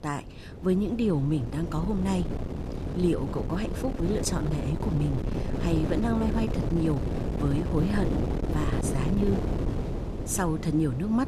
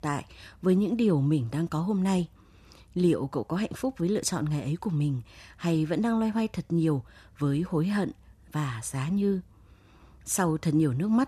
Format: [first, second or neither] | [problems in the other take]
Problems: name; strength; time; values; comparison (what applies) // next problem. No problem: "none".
second | wind noise on the microphone; heavy; 4 dB below the speech